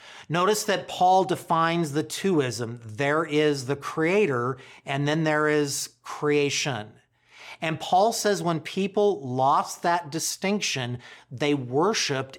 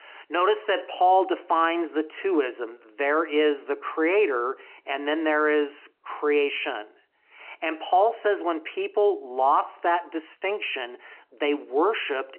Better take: first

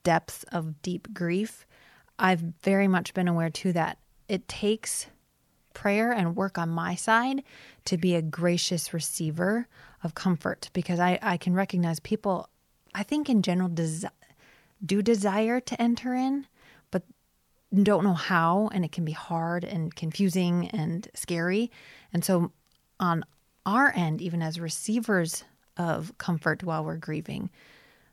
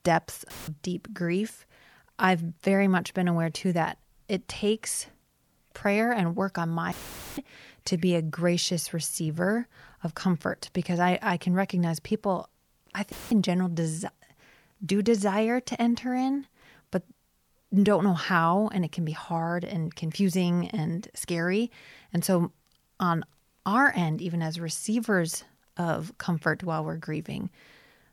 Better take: first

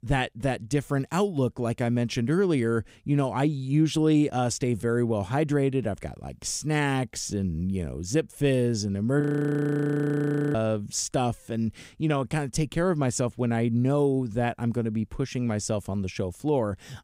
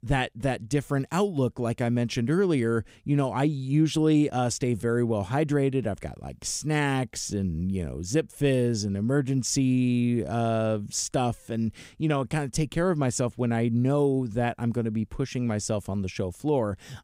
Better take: second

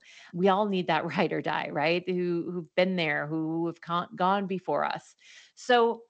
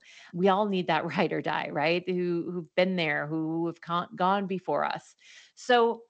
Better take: neither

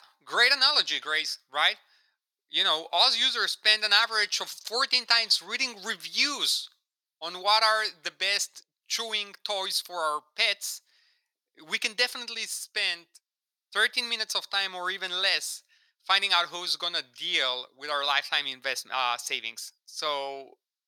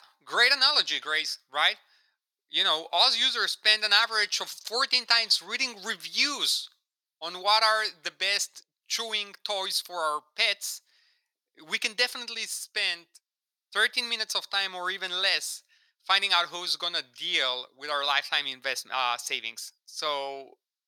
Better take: neither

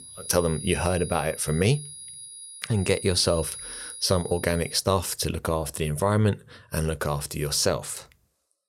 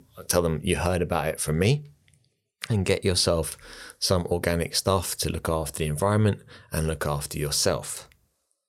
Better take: second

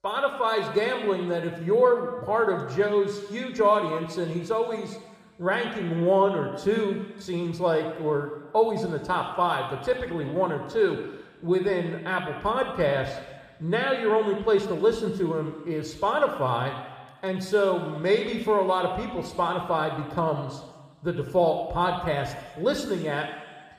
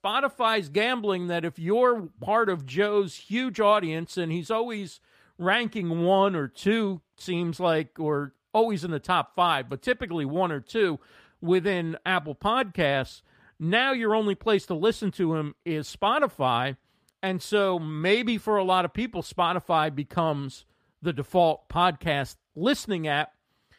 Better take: second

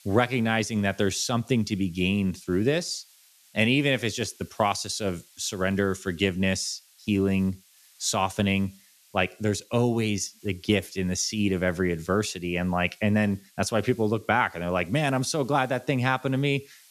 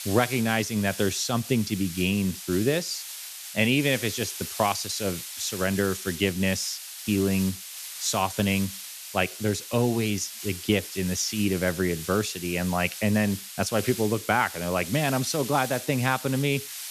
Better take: first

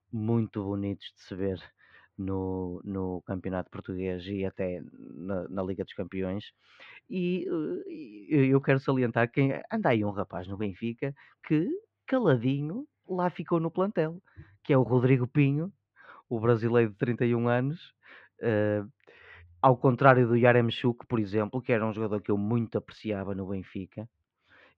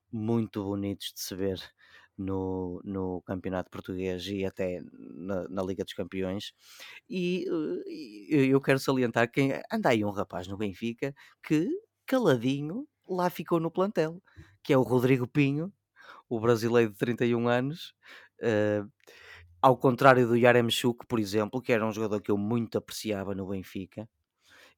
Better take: second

